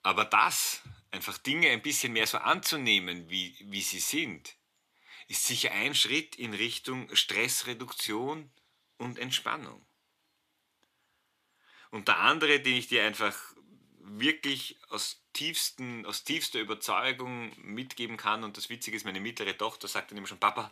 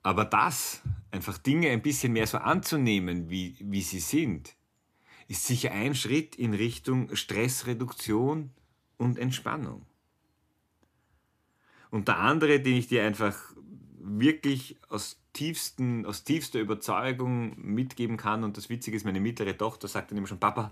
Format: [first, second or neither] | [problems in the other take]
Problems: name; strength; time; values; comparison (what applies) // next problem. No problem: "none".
second | thin; somewhat; fading below 850 Hz